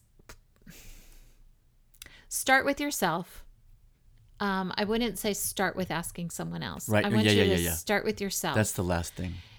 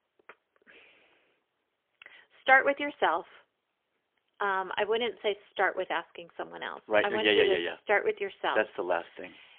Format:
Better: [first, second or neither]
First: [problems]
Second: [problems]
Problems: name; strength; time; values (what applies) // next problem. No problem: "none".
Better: first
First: none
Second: phone-call audio; poor line; nothing above 3.5 kHz